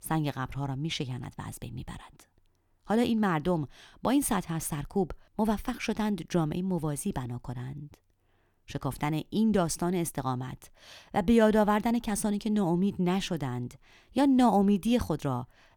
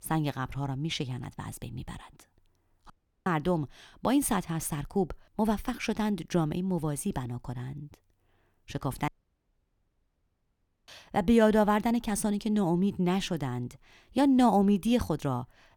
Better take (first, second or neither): first